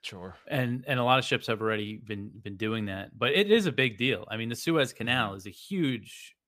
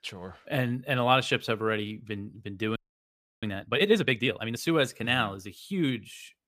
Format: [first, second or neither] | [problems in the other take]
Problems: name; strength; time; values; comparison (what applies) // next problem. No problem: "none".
first | audio freezing; at 3 s for 0.5 s